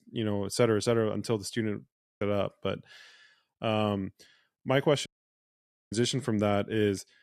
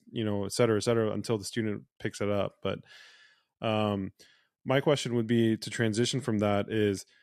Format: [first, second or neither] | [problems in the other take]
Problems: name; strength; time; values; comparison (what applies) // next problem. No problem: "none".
second | audio cutting out; at 2 s and at 5 s for 1 s